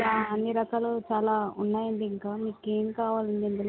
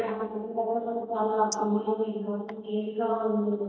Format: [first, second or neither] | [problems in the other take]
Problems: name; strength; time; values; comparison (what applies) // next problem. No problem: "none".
first | noise reduction (neural mask model DeepFilterNet 3)